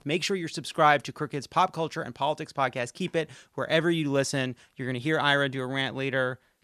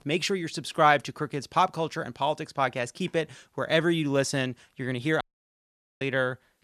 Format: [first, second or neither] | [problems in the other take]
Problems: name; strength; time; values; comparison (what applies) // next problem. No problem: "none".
first | audio cutting out; at 5 s for 1 s